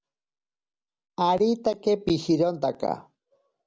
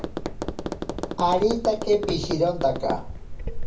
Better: first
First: none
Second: background sound (Tap); 4 dB below the speech // room echo; dies away in 0.3 s

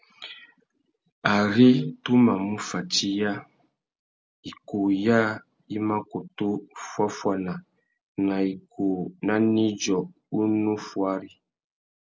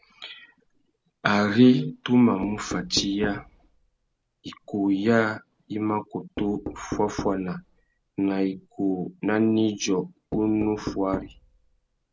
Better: first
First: none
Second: background sound (Knock); 15 dB below the speech

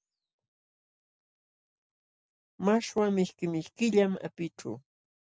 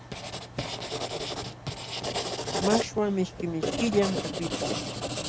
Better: first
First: none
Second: background sound (Writing); 1 dB below the speech

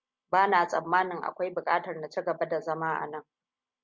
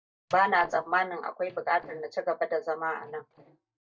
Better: first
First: none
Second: noise reduction (neural mask model DeepFilterNet 3)

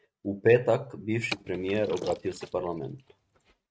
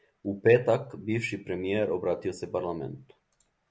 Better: second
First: noise reduction (neural mask model RNNoise)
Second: none

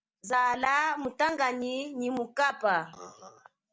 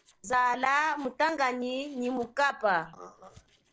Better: first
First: none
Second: noise reduction (neural separator model SepFormer DNS4)

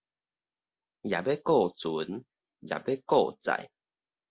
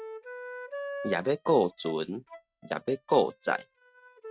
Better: first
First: none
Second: noise reduction (neural mask model RNNoise)

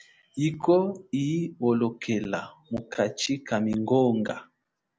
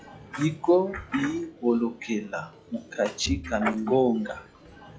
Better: first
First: none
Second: noise reduction (classical method log-MMSE)

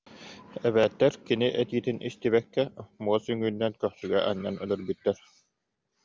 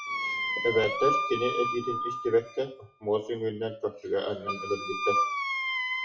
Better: first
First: none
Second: noise reduction (classical method WPE with log-MMSE)

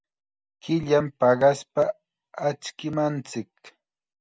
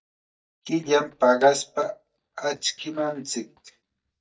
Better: first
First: none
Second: noise reduction (neural mask model DeepFilterNet 3)

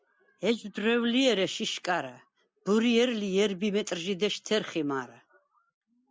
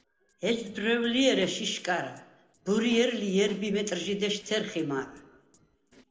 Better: first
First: none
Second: noise reduction (neural separator model SepFormer DNS4)

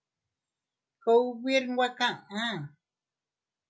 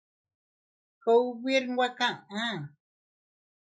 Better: first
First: none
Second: noise reduction (neural mask model Resemble Enhance denoiser)

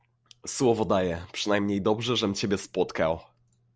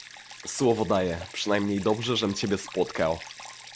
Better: first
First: none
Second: background sound (Stream); 17 dB below the speech

